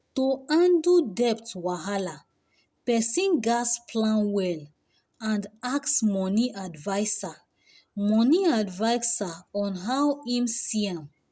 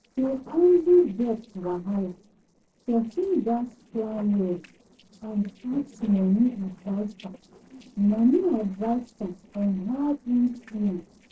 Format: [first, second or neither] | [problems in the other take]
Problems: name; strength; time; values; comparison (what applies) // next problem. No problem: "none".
first | noise reduction (neural separator model SepFormer DNS4)